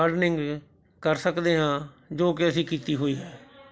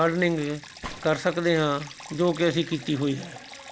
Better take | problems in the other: first | background sound (Stream + Gunshot, gunfire); 17 dB below the speech

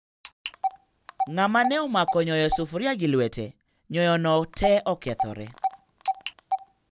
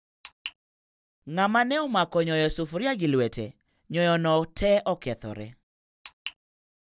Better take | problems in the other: second | background sound (Telephone); 6 dB below the speech

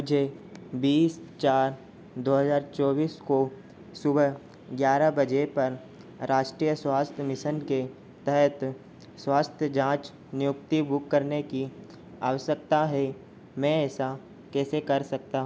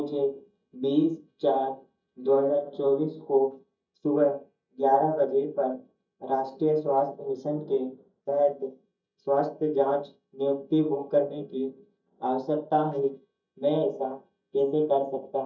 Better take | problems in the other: first | noise reduction (neural mask model DeepFilterNet 3)

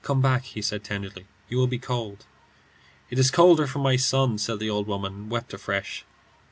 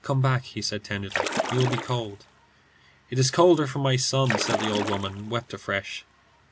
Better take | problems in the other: first | background sound (Splash, splatter); 4 dB below the speech

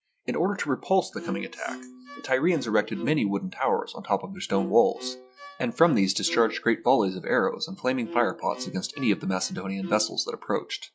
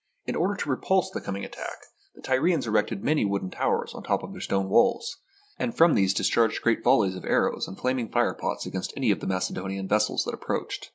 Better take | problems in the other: second | noise reduction (classical method log-MMSE)

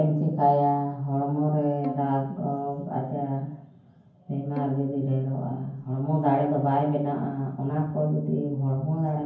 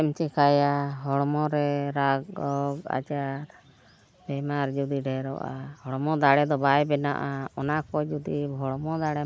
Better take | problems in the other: second | background sound (Bowed string instrument); 15 dB below the speech // room echo; dies away in 0.9 s

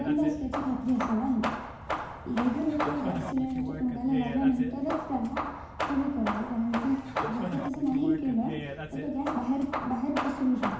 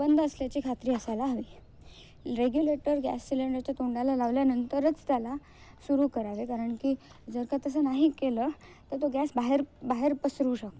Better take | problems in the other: second | background sound (Hammer / Wood); 6 dB below the speech // room echo; dies away in 0.6 s

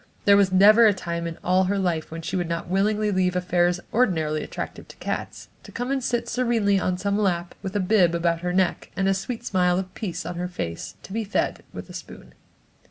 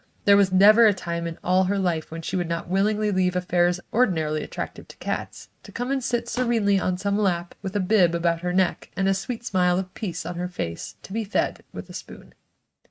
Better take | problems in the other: first | noise reduction (neural mask model RNNoise)

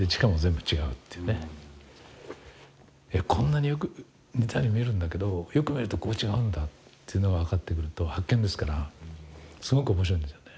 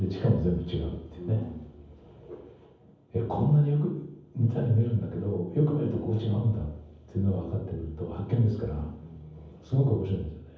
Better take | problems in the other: first | room echo; dies away in 0.9 s

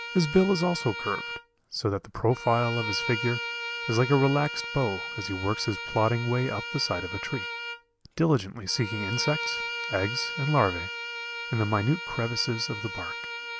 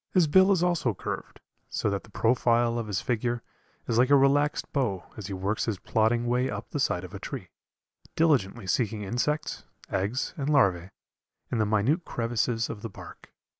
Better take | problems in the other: second | background sound (Bowed string instrument); 7 dB below the speech

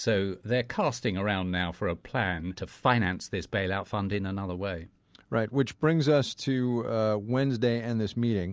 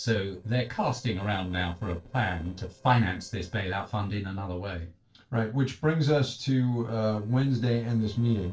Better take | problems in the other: first | noise reduction (neural separator model SepFormer DNS4)

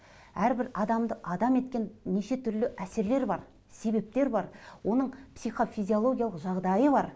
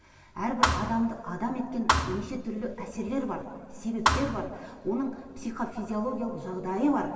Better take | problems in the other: first | background sound (Thump, thud); 1 dB above the speech // room echo; dies away in 2 s

